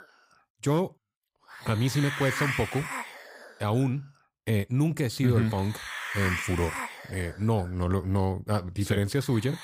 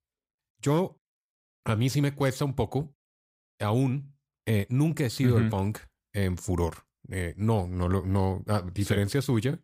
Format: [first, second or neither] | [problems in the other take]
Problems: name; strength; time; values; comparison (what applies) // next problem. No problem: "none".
second | hiss; loud; throughout; 6 dB below the speech